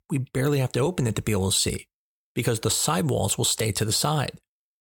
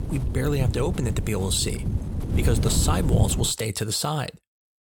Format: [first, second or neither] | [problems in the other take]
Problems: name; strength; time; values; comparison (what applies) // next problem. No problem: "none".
first | wind noise on the microphone; heavy; until 3.5 s; 9 dB below the speech